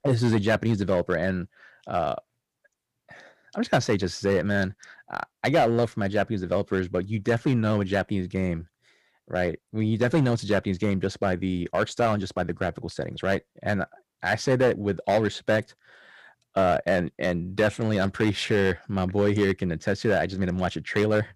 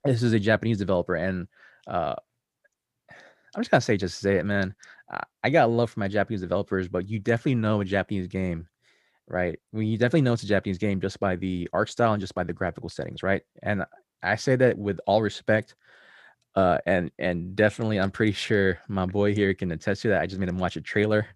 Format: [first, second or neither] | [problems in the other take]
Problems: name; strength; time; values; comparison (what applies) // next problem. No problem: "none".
second | distortion; slight; 3% of the sound clipped